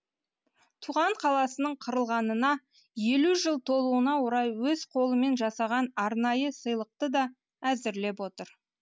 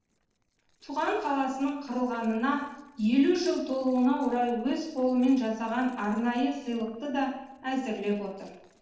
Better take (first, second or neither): first